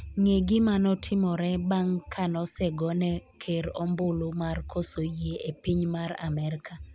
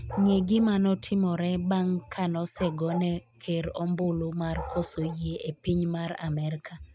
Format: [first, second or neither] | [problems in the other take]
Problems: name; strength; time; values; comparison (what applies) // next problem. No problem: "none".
first | noise reduction (neural mask model RNNoise)